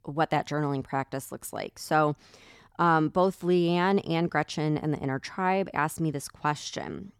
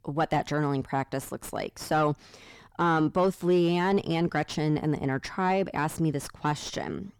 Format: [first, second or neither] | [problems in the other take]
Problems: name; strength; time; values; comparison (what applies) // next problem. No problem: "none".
first | distortion; slight; 10 dB below the speech